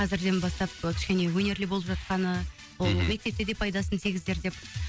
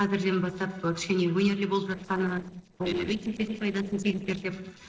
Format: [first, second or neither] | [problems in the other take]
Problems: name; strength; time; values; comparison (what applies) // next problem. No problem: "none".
first | noise reduction (neural separator model SepFormer DNS4)